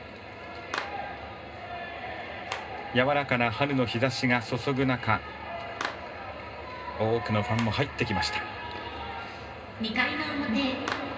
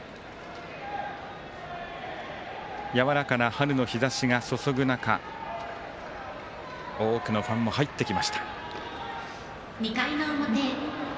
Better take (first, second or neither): second